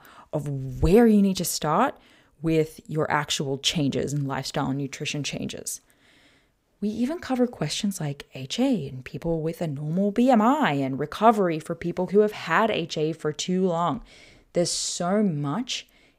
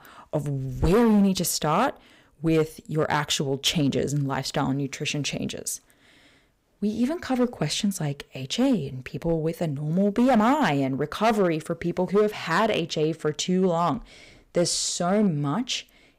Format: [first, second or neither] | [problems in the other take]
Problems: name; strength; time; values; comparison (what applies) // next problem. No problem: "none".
first | distortion; slight; 4% of the sound clipped